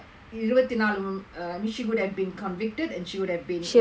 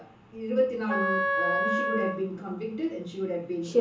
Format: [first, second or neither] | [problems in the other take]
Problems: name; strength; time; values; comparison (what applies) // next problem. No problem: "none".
first | background sound (Wind instrument, woodwind instrument); as loud as the speech // room echo; dies away in 0.8 s